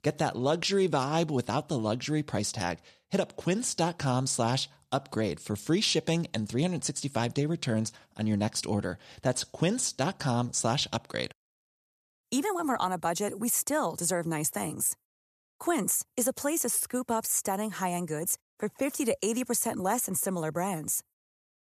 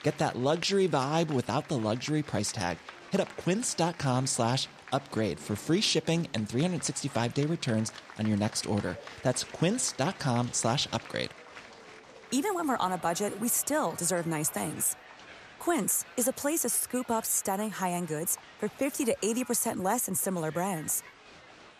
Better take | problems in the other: first | crowd noise; noticeable; throughout; 20 dB below the speech

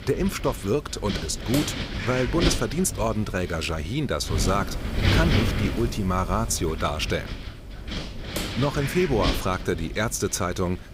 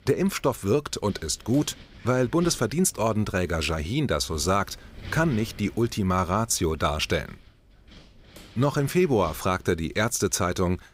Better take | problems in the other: second | wind noise on the microphone; heavy; 4 dB below the speech; occasional gusts in the second

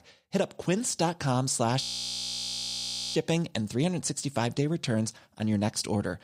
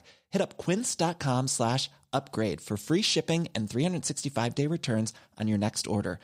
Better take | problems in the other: second | audio freezing; at 2 s for 1.5 s

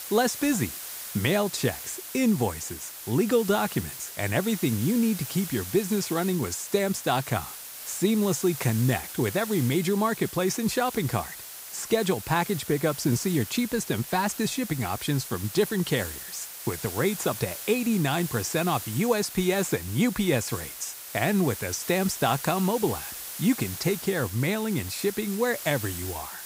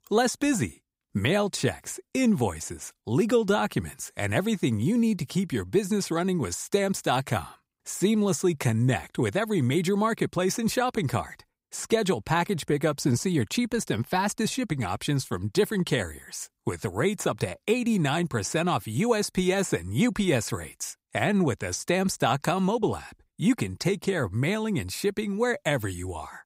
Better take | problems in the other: second | hiss; loud; throughout; 9 dB below the speech

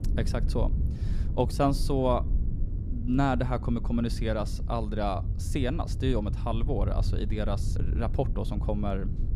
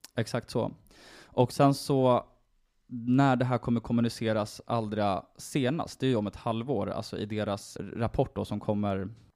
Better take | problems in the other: second | low rumble; noticeable; throughout; 15 dB below the speech

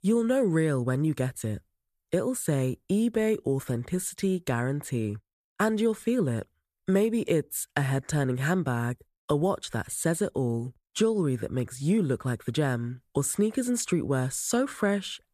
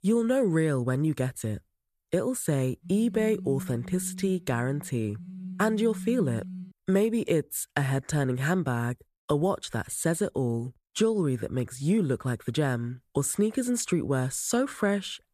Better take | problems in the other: first | phone ringing; noticeable; from 3 to 6.5 s; peak 9 dB below the speech

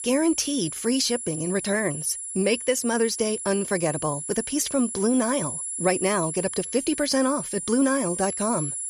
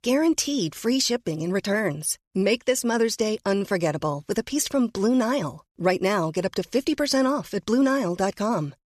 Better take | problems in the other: second | high-pitched whine; loud; throughout; 10.5 kHz, 5 dB below the speech

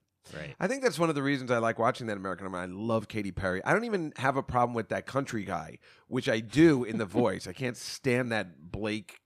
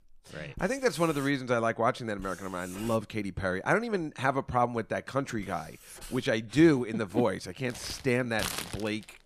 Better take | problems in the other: first | household noises; noticeable; throughout; 15 dB below the speech

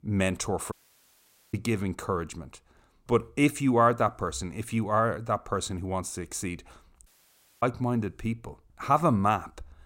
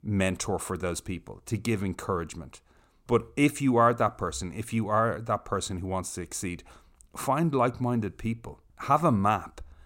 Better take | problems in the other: second | audio cutting out; at 0.5 s for 1 s and at 7 s for 0.5 s

